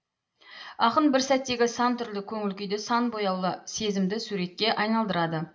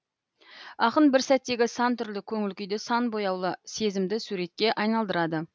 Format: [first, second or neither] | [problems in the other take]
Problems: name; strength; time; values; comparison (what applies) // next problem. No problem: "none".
second | room echo; dies away in 0.5 s